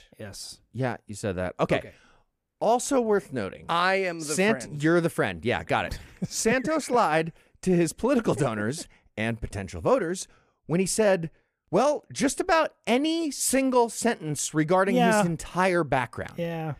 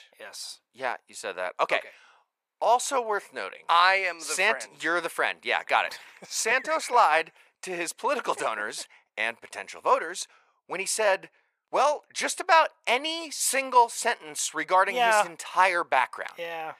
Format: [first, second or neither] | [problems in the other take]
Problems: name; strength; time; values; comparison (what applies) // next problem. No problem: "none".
first | thin; very; fading below 750 Hz